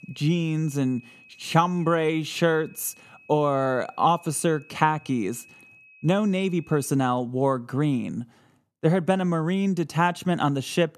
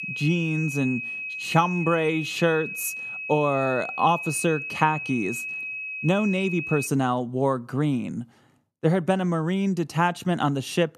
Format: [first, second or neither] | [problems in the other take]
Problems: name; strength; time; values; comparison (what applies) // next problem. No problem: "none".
first | high-pitched whine; loud; until 7 s; 2.5 kHz, 6 dB below the speech; faint in the first